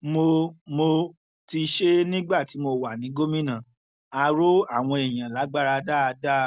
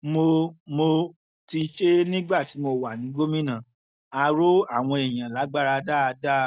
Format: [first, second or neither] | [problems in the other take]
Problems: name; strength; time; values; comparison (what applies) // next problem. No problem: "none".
first | noise reduction (neural mask model DeepFilterNet 3)